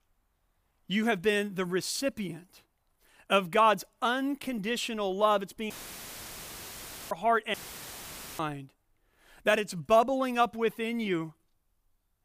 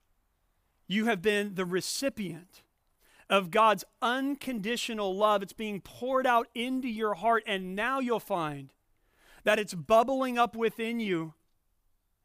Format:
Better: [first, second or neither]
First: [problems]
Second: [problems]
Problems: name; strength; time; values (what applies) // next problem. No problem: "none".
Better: second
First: audio cutting out; filled with static; at 5.5 s for 1.5 s and at 7.5 s for 1 s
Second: none